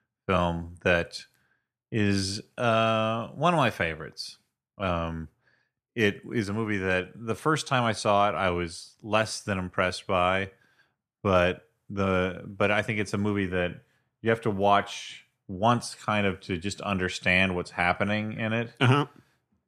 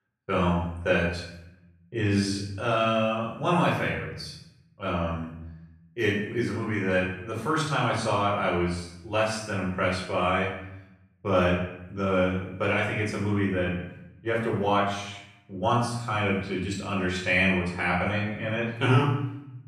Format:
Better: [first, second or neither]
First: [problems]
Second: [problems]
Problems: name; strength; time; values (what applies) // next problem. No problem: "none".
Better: first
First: none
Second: off-mic speech; far // room echo; noticeable; dies away in 0.7 s